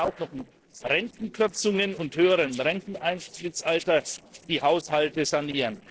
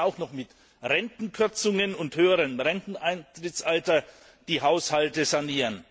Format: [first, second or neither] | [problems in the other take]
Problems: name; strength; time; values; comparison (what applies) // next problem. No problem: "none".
second | noise reduction (neural separator model SepFormer DNS4)